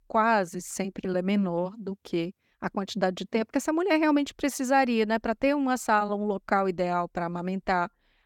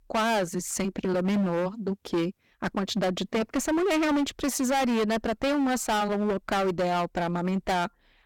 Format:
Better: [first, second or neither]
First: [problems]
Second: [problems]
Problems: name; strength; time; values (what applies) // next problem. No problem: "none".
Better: first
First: none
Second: distortion; heavy; 22% of the sound clipped